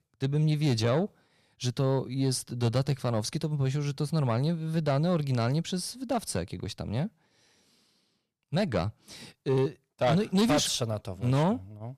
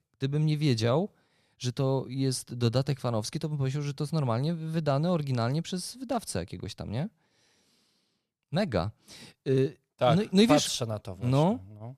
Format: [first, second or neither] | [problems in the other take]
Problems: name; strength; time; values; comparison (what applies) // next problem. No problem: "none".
second | distortion; slight; 10 dB below the speech